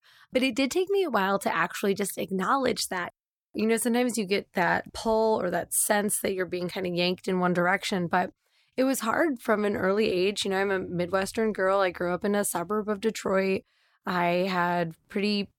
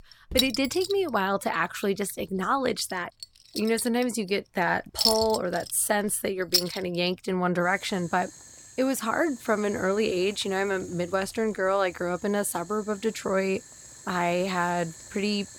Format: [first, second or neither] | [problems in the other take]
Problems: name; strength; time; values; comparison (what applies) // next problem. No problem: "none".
first | household noises; loud; throughout; 5 dB below the speech